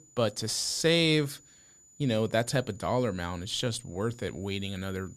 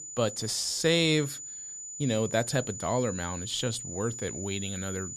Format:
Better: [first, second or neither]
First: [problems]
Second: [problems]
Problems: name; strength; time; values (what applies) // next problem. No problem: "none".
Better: first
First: high-pitched whine; faint; throughout; 7 kHz, 25 dB below the speech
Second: high-pitched whine; loud; throughout; 7 kHz, 8 dB below the speech